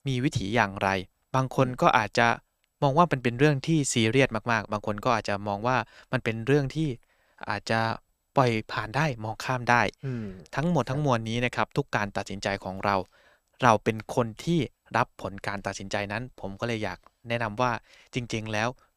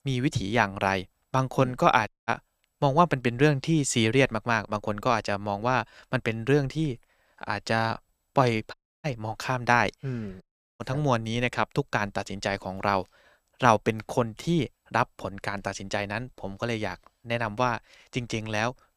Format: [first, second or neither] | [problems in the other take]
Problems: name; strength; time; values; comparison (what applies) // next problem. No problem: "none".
first | audio cutting out; at 2 s, at 8.5 s and at 10 s